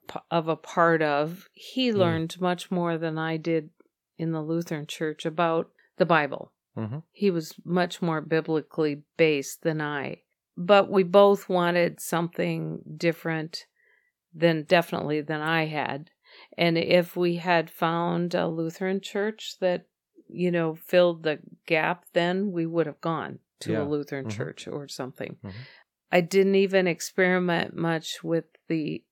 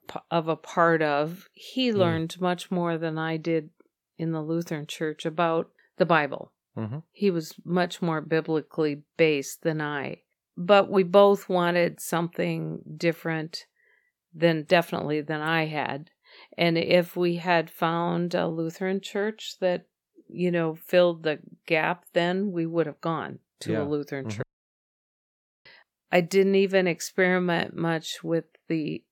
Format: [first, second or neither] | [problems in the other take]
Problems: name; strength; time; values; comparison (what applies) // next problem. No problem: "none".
first | audio cutting out; at 24 s for 1 s